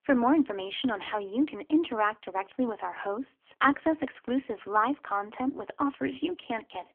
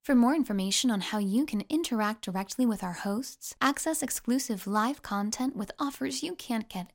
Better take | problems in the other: second | phone-call audio; poor line; nothing above 3.5 kHz

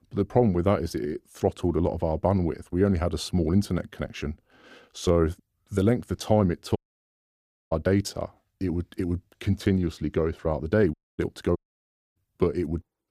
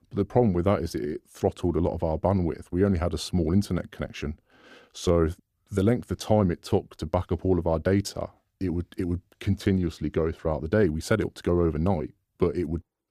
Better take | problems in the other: second | audio cutting out; at 7 s for 1 s, at 11 s and at 12 s for 0.5 s

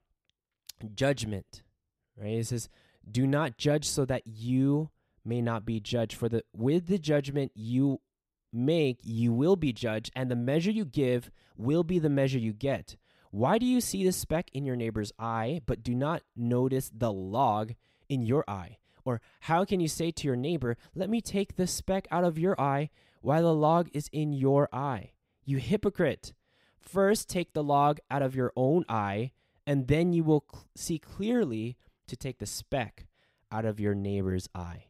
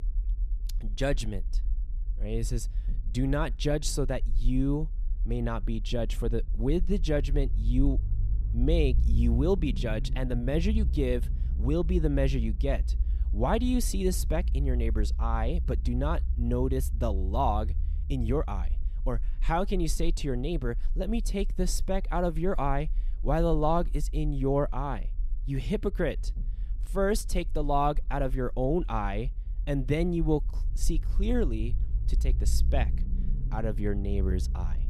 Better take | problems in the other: first | low rumble; faint; throughout; 20 dB below the speech

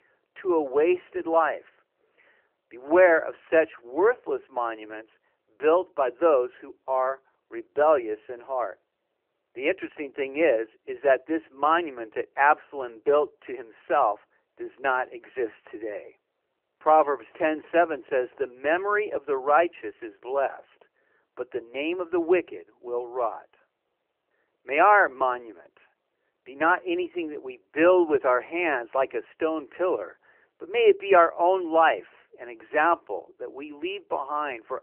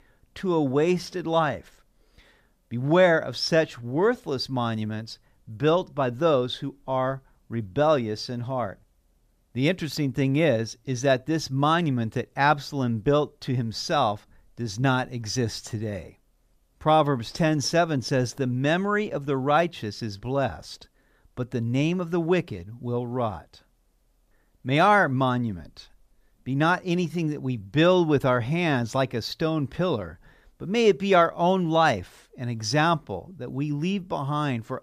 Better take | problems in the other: second | phone-call audio; nothing above 3 kHz

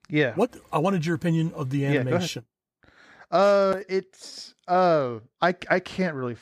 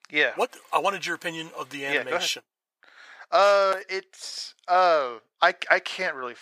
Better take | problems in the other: first | thin; very; fading below 750 Hz

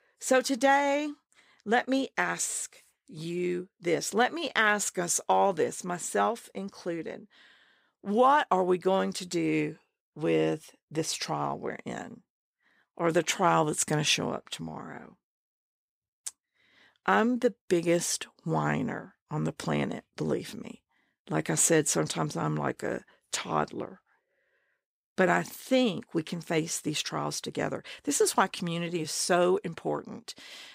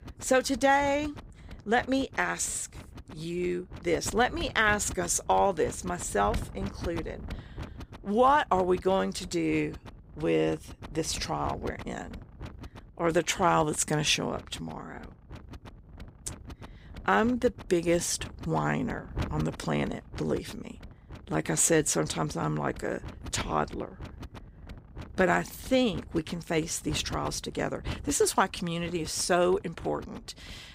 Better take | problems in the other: first | wind noise on the microphone; occasional gusts; 20 dB below the speech

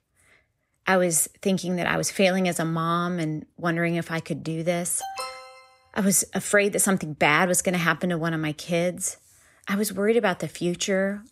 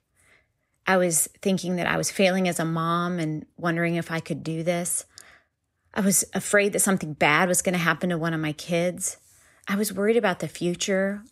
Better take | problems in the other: second | alarm; noticeable; at 5 s; peak 9 dB below the speech

